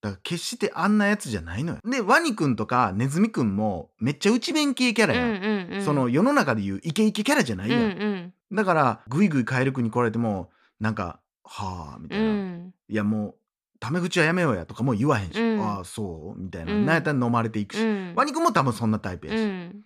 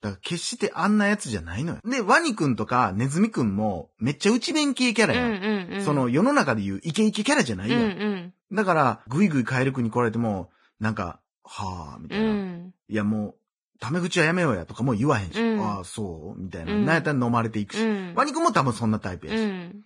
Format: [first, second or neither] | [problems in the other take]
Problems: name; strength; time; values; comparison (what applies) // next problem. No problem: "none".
first | garbled, watery; badly; nothing above 10 kHz